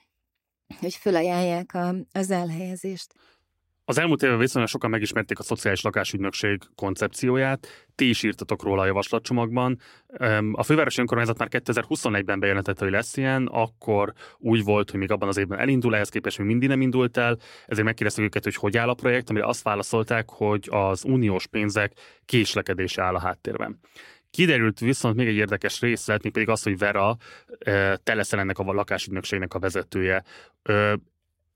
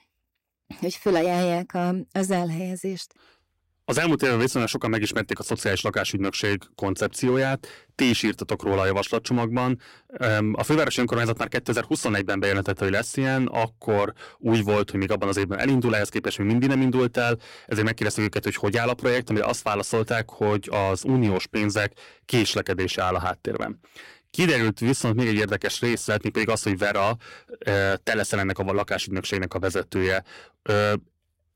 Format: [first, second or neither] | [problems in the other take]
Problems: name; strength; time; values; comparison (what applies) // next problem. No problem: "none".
first | distortion; slight; 5% of the sound clipped